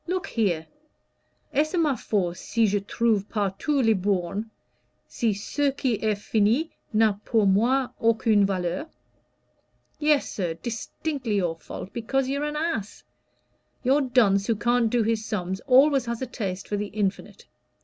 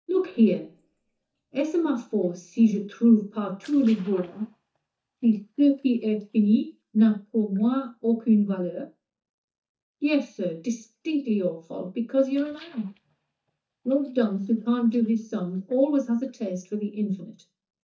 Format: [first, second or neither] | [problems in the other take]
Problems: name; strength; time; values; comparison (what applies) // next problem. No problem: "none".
first | noise reduction (neural mask model DeepFilterNet 3)